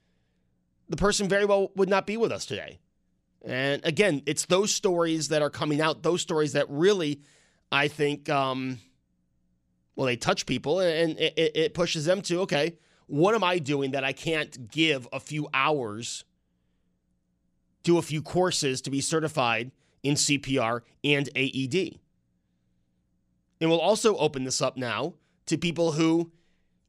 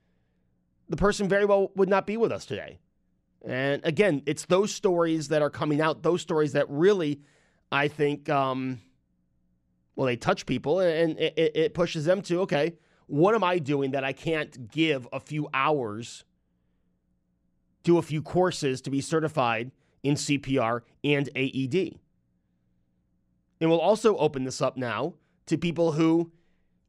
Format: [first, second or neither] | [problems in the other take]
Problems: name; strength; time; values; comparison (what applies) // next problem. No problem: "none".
first | muffled; slightly; fading above 2.5 kHz